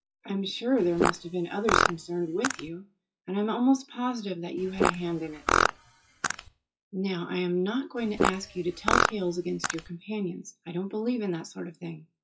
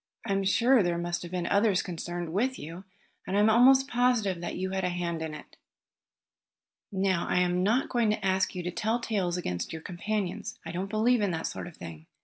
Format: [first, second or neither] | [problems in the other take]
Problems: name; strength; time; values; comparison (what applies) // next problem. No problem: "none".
second | noise reduction (classical method WPE with log-MMSE)